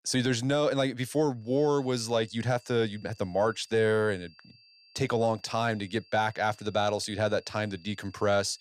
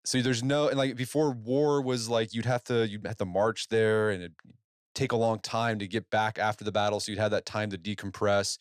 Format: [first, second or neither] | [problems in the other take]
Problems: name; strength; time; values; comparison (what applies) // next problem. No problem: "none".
second | high-pitched whine; faint; from 1.5 s on; 4.5 kHz, 30 dB below the speech